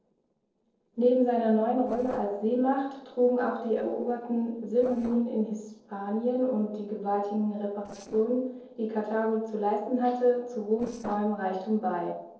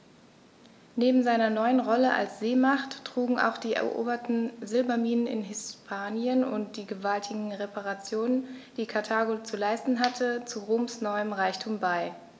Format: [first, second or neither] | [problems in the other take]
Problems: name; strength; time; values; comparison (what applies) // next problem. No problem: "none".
second | noise reduction (neural separator model SepFormer DNS4)